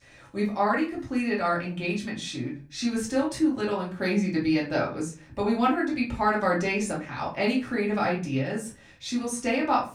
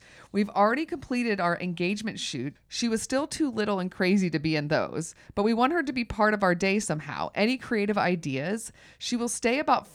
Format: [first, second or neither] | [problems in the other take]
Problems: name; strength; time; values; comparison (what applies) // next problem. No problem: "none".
second | off-mic speech; far // room echo; slight; dies away in 0.3 s